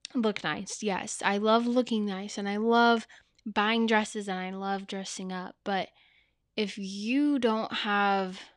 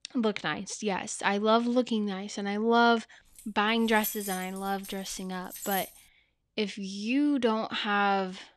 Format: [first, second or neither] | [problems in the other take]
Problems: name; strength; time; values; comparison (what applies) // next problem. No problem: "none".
first | jangling keys; noticeable; from 3.5 to 6 s; peak 5 dB below the speech